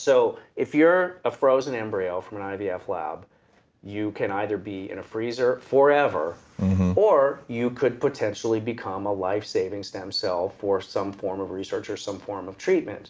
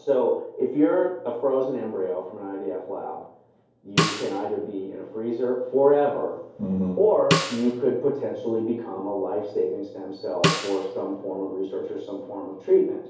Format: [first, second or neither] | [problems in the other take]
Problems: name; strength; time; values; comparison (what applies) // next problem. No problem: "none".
first | background sound (Snare drum); 4 dB below the speech // room echo; dies away in 2.4 s